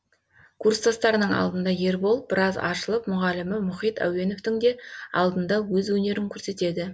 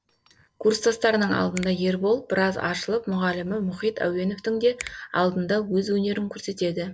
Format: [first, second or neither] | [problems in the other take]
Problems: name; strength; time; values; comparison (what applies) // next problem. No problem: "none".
first | noise reduction (neural separator model SepFormer DNS4)